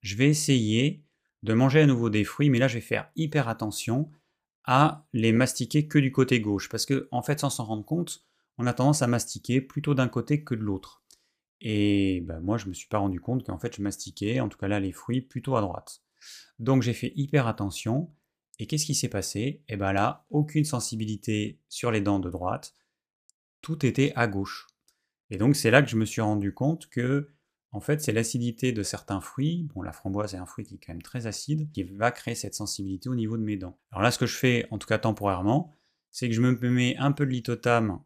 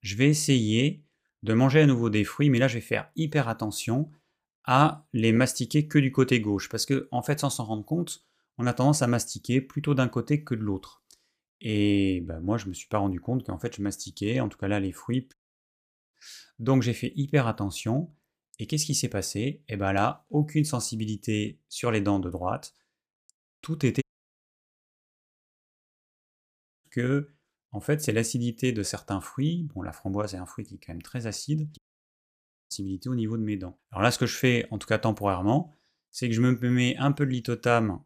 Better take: first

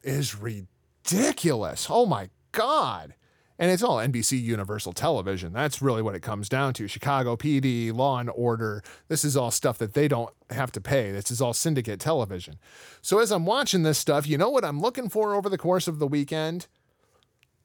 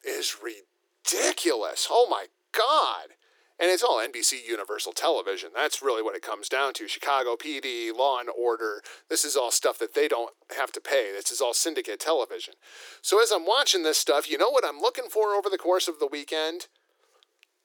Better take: first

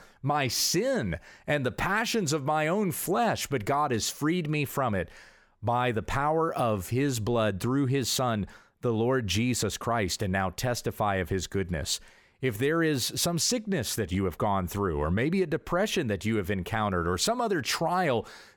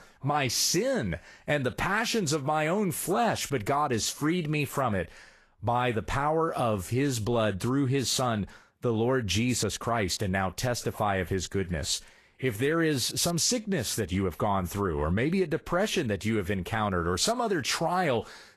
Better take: first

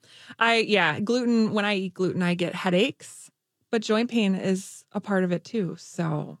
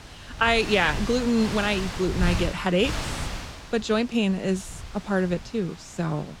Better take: first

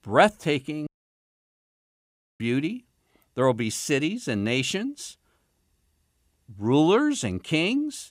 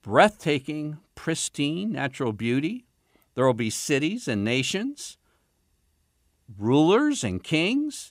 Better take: second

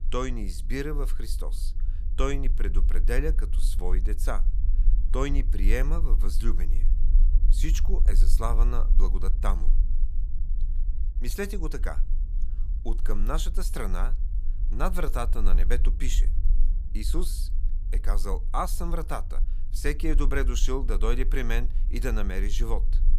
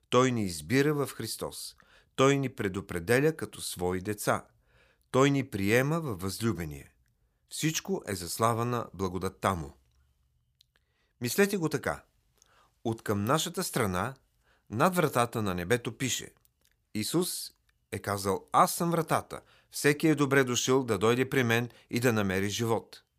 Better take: second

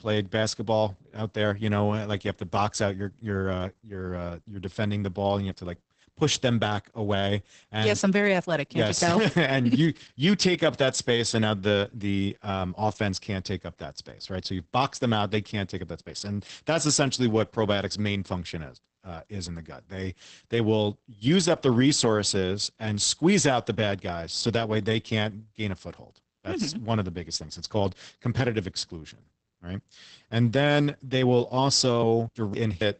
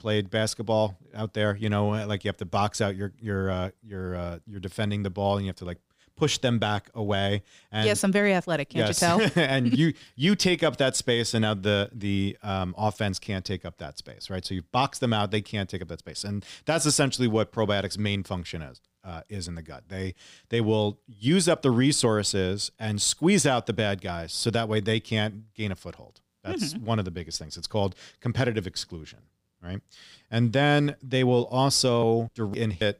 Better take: second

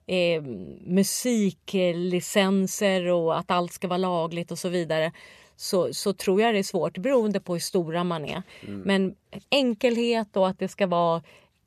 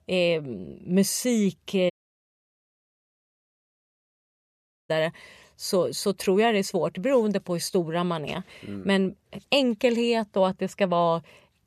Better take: first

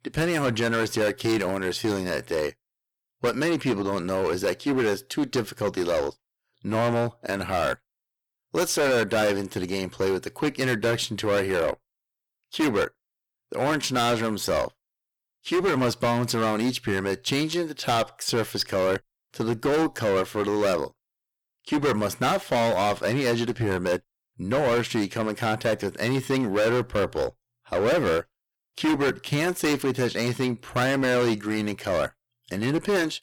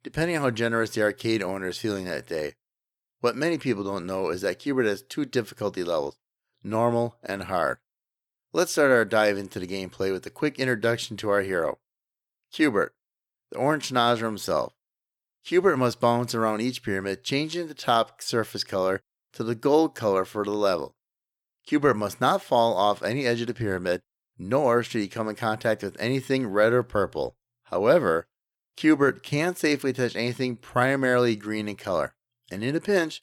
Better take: second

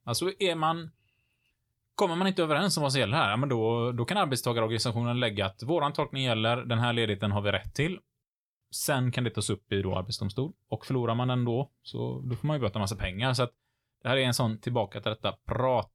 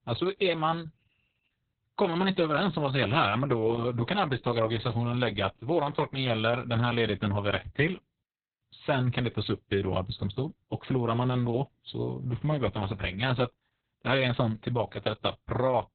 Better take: first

